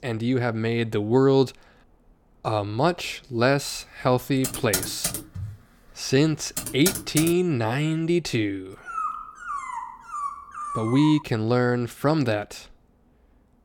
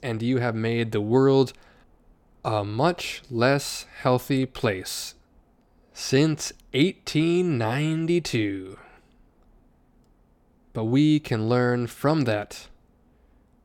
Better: second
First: keyboard typing; noticeable; from 4.5 to 7.5 s; peak 1 dB below the speech // dog barking; noticeable; from 9 to 11 s; peak 6 dB below the speech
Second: none

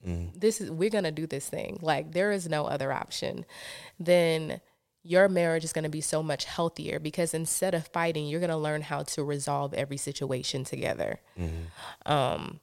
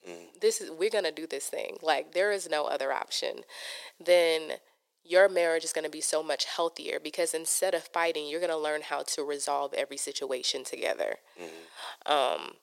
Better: first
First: none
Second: thin; very; fading below 350 Hz

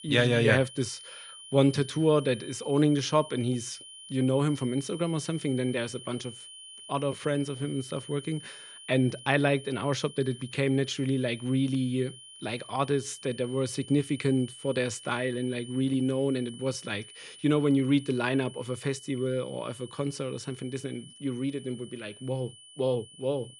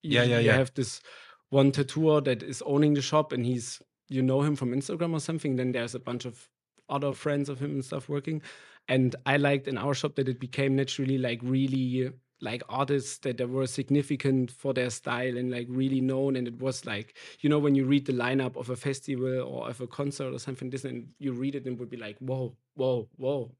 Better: second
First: high-pitched whine; noticeable; throughout; 3 kHz, 15 dB below the speech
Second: none

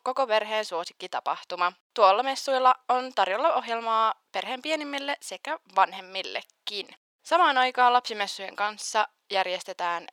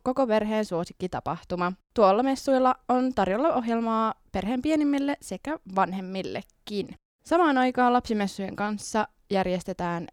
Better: second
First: thin; very; fading below 700 Hz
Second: none

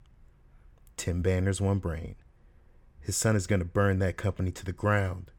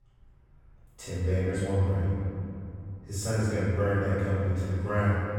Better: first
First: none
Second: off-mic speech; far // room echo; strong; dies away in 2.8 s

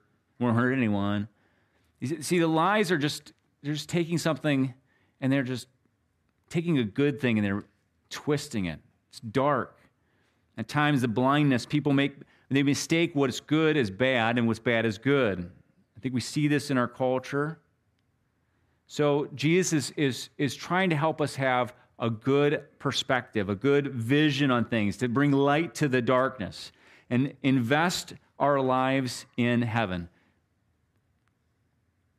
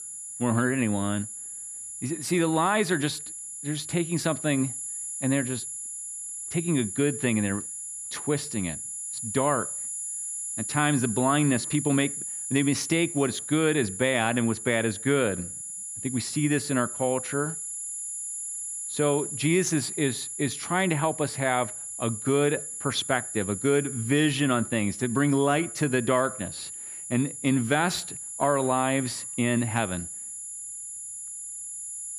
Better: first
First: none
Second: high-pitched whine; loud; throughout; 11 kHz, 7 dB below the speech

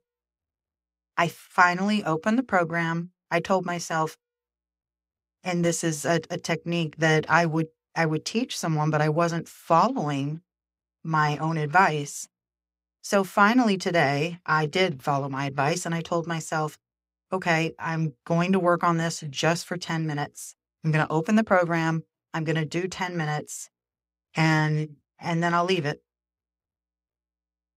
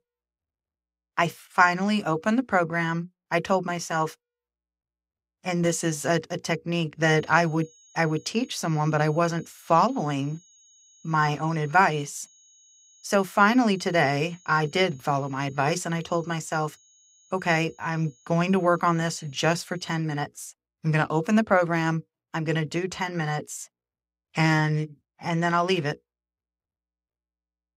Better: first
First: none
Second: high-pitched whine; faint; from 7 to 20 s; 6.5 kHz, 30 dB below the speech

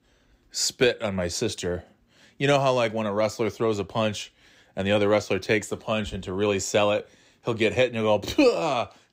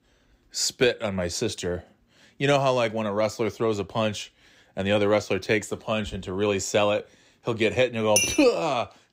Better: first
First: none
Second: clattering dishes; loud; at 8 s; peak 2 dB above the speech

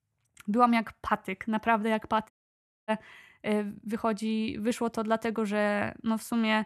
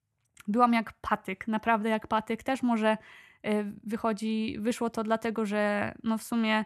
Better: second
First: audio cutting out; at 2.5 s for 0.5 s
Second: none

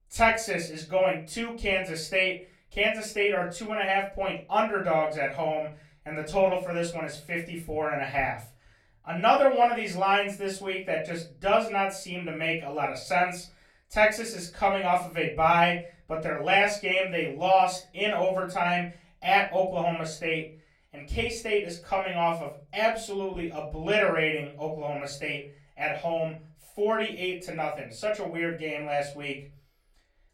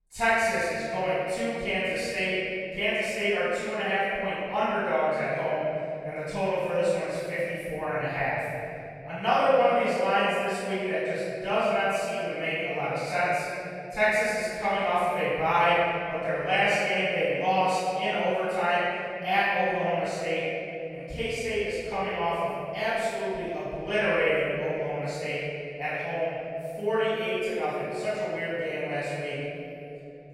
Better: first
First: room echo; slight; dies away in 0.3 s // off-mic speech; far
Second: room echo; strong; dies away in 3 s // off-mic speech; far

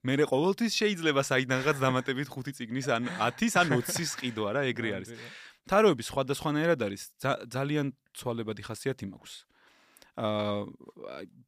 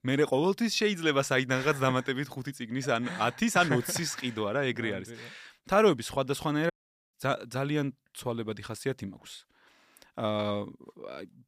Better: first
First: none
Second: audio cutting out; at 6.5 s

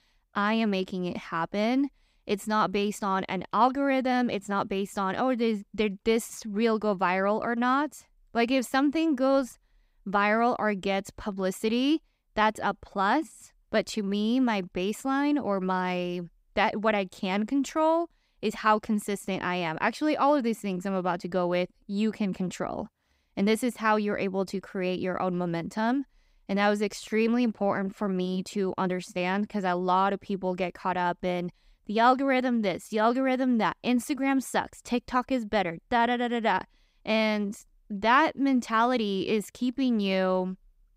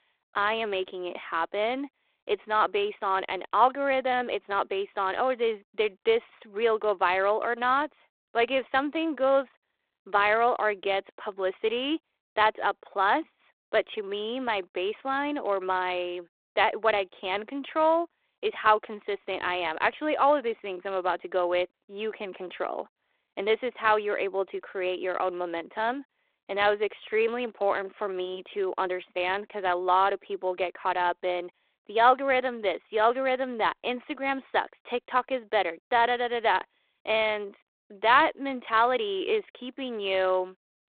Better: first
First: none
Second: phone-call audio

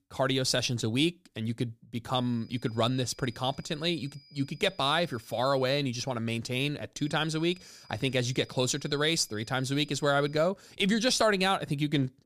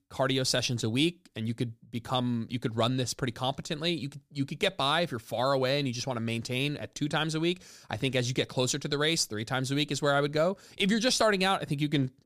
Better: second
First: high-pitched whine; faint; from 2 to 5.5 s and from 7 to 10 s; 5 kHz, 25 dB below the speech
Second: none

